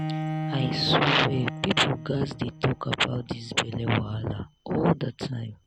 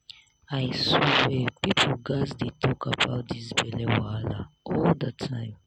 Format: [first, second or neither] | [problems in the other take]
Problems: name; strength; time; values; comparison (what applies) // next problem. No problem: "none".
second | background sound (Bowed string instrument); 9 dB below the speech